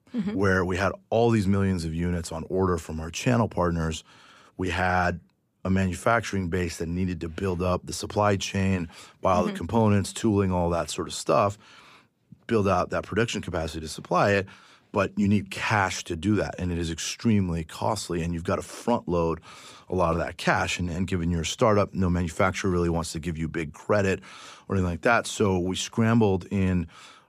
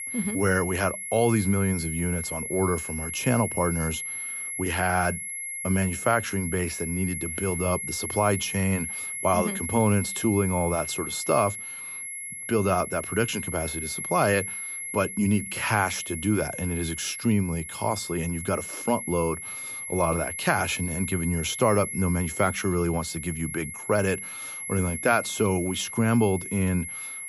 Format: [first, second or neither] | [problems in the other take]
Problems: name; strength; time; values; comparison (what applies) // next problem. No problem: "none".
first | high-pitched whine; loud; throughout; 2 kHz, 6 dB below the speech